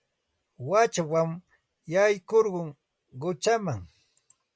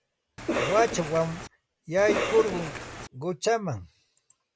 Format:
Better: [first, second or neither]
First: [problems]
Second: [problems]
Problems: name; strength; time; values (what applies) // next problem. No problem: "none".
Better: first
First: none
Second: background sound (Cough); 3 dB below the speech